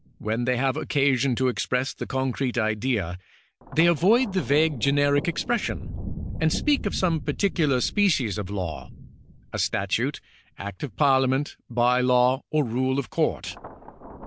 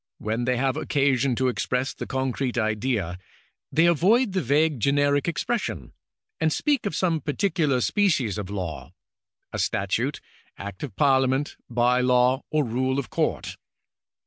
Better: second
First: background sound (Thunder); 14 dB below the speech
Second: none

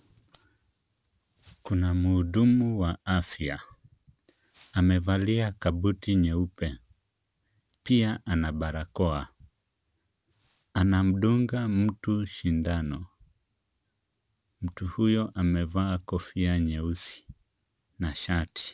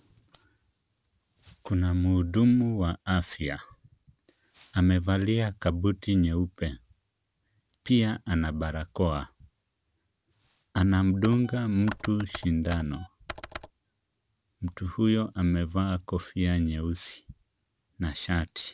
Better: first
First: none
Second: background sound (Computer keyboard); 15 dB below the speech

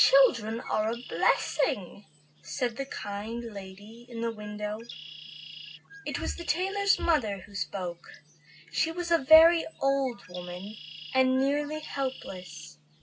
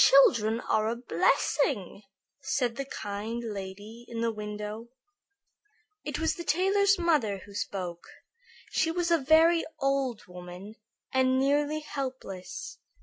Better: second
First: background sound (Bird); 18 dB below the speech // room echo; dies away in 0.4 s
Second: none

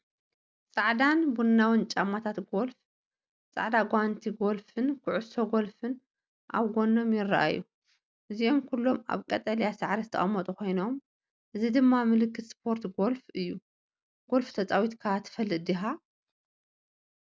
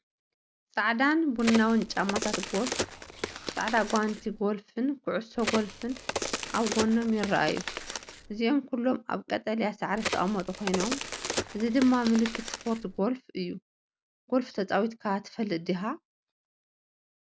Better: first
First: none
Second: background sound (Crack); 6 dB below the speech

